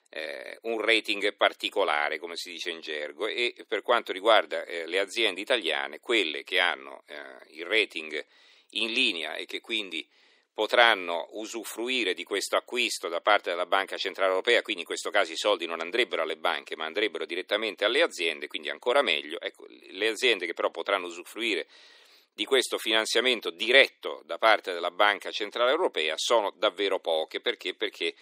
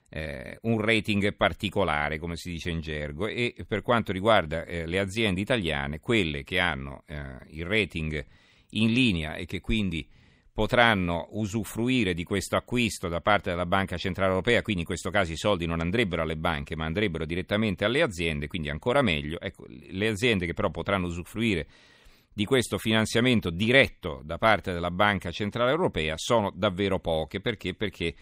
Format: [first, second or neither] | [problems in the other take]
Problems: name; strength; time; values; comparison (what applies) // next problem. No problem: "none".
second | thin; very; fading below 350 Hz